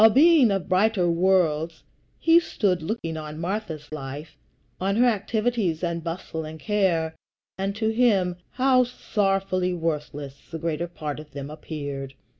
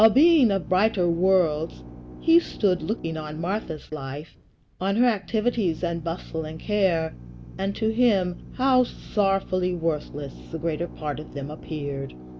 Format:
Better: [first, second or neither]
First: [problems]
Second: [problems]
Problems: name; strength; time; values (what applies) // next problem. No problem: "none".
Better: first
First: none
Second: background sound (Drill); 16 dB below the speech